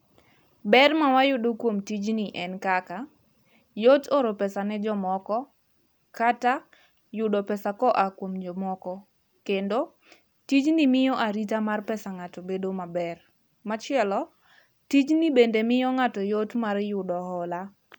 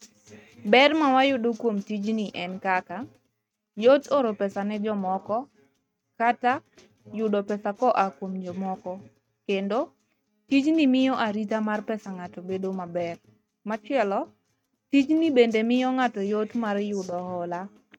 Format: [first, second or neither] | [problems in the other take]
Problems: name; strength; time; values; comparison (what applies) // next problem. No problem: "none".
first | noise reduction (neural mask model RNNoise)